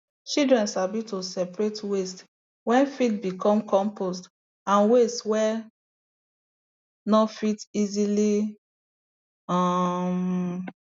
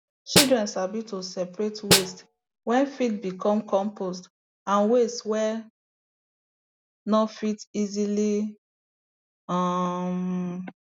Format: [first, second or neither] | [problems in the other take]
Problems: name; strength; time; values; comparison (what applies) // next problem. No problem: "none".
first | background sound (Snare drum); 2 dB above the speech